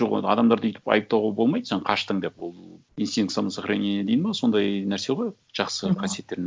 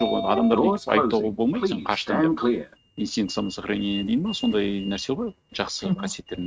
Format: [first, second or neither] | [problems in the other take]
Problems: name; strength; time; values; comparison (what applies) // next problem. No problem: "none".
first | noise reduction (neural mask model RNNoise)